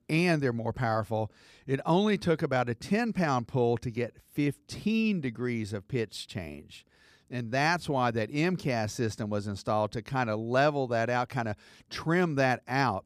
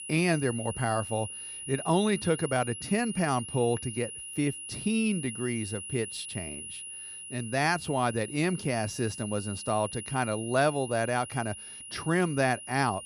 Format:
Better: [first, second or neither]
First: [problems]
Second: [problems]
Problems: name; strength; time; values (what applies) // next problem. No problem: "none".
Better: first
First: none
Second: high-pitched whine; loud; throughout; 10.5 kHz, 9 dB below the speech